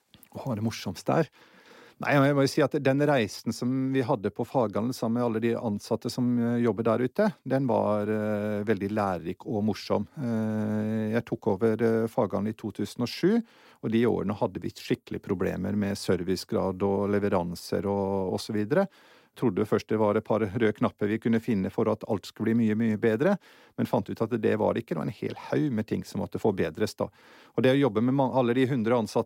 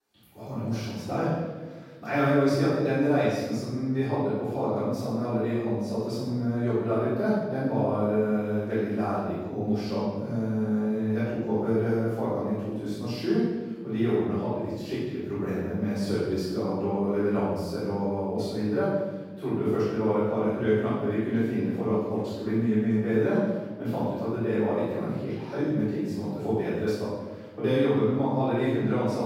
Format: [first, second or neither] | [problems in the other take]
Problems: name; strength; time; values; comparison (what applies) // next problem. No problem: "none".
first | room echo; strong; dies away in 1.2 s // off-mic speech; far